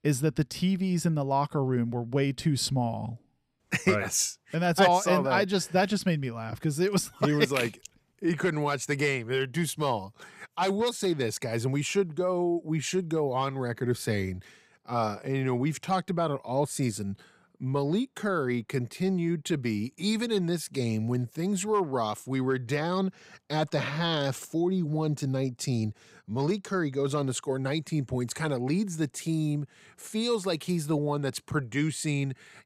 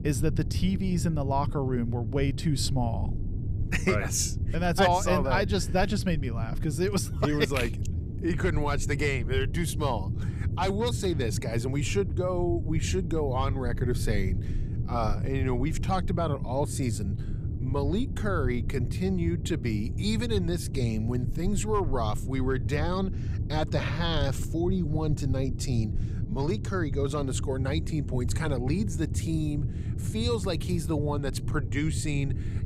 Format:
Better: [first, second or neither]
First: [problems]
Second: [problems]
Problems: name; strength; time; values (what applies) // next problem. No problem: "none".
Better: first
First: none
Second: low rumble; noticeable; throughout; 15 dB below the speech